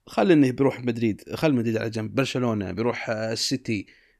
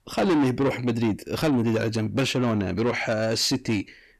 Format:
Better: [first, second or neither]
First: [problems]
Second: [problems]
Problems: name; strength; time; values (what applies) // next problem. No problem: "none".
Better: first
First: none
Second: distortion; heavy; 7 dB below the speech